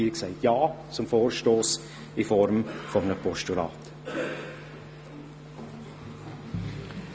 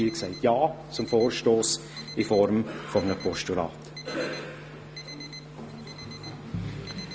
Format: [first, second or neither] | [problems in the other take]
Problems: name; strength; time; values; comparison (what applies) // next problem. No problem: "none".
first | background sound (Alarm); 18 dB below the speech